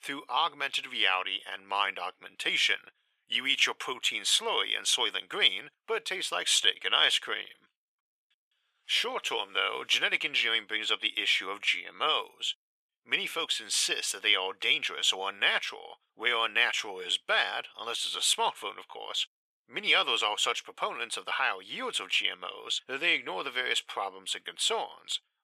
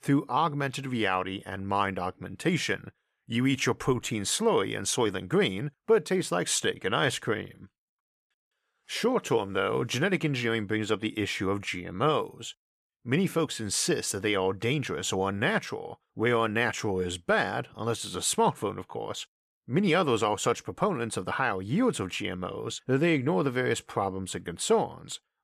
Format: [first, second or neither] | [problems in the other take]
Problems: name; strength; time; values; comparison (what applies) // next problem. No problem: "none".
second | thin; very; fading below 750 Hz